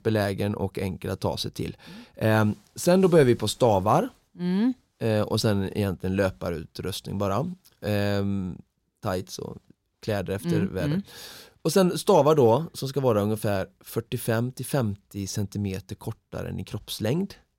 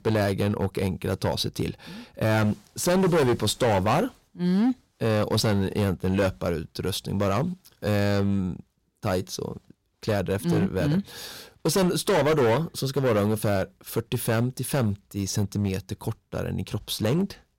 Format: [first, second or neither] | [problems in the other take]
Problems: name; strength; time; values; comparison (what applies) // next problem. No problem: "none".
first | distortion; heavy; 10% of the sound clipped